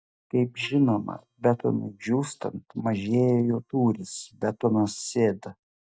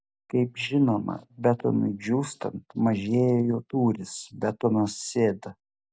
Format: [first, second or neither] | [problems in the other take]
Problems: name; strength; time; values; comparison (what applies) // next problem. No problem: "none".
second | noise reduction (neural mask model DeepFilterNet 3)